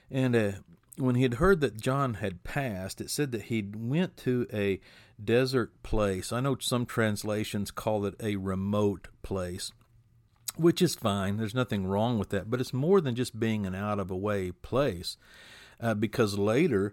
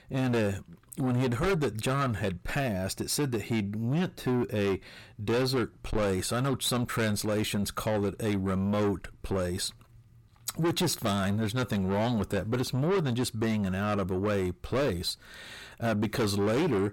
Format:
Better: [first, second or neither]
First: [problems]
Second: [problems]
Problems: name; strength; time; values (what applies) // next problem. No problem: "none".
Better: first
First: none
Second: distortion; heavy; 6 dB below the speech